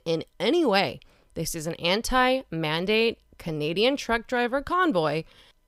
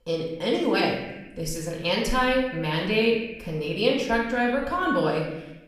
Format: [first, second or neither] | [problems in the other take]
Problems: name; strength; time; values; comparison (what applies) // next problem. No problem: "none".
first | off-mic speech; far // room echo; noticeable; dies away in 0.9 s